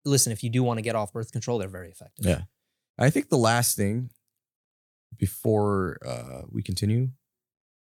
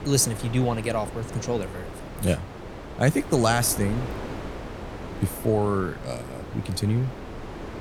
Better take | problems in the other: first | wind noise on the microphone; occasional gusts; 10 dB below the speech

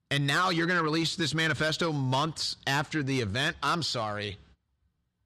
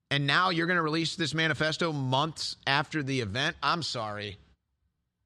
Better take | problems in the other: second | distortion; slight; 10 dB below the speech

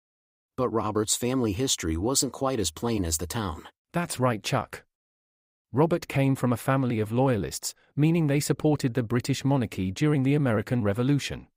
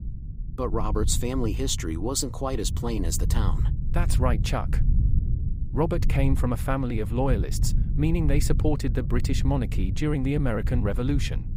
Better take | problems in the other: first | low rumble; noticeable; throughout; 15 dB below the speech

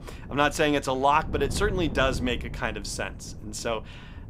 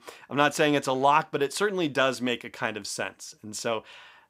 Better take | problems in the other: second | wind noise on the microphone; occasional gusts; 20 dB below the speech

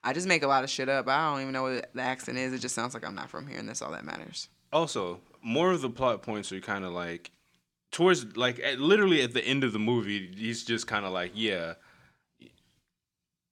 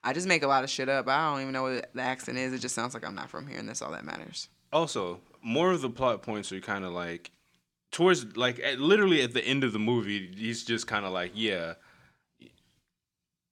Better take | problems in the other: neither | none

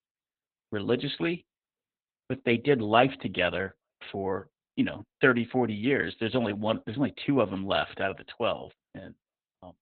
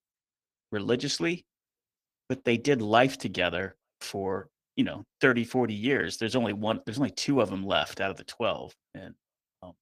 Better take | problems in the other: second | garbled, watery; badly; nothing above 4 kHz; slightly in the second

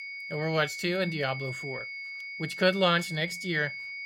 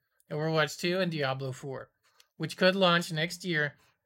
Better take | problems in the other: second | high-pitched whine; loud; throughout; 2 kHz, 8 dB below the speech

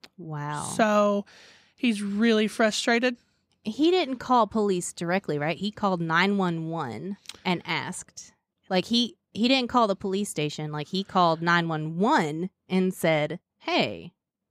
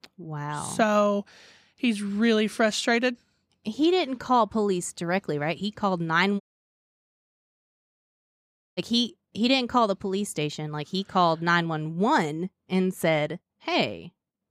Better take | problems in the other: first | audio cutting out; at 6.5 s for 2.5 s

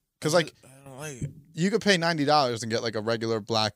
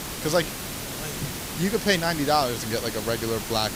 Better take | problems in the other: first | hiss; loud; throughout; 6 dB below the speech

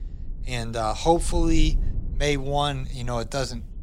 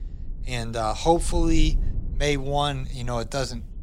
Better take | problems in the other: neither | wind noise on the microphone; occasional gusts; 25 dB below the speech; the same in both

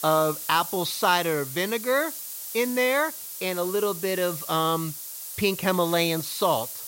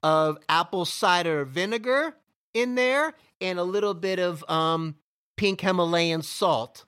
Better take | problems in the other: second | hiss; loud; throughout; 8 dB below the speech

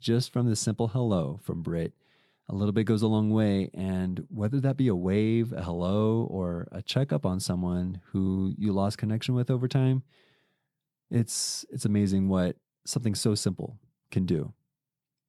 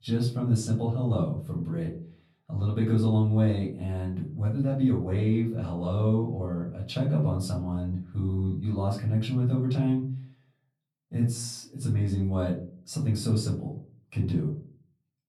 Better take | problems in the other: first | off-mic speech; far // room echo; slight; dies away in 0.4 s

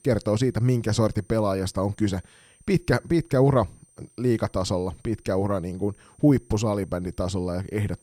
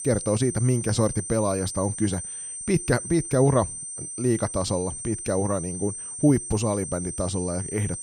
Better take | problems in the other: first | high-pitched whine; loud; throughout; 8.5 kHz, 7 dB below the speech; faint in the first

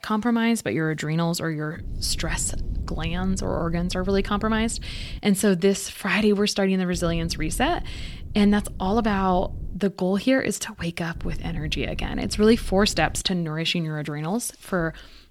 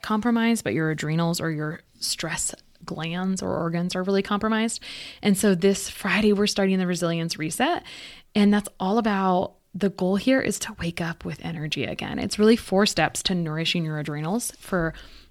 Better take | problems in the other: second | low rumble; faint; from 2 to 5 s, from 7 to 9.5 s and from 11 to 13 s; 25 dB below the speech

